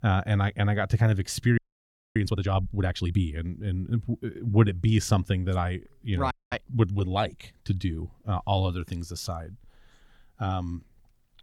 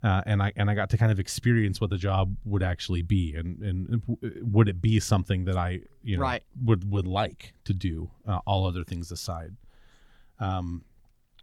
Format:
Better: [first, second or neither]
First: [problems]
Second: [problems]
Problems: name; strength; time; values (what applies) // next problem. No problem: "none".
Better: second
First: audio freezing; at 1.5 s for 0.5 s and at 6.5 s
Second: none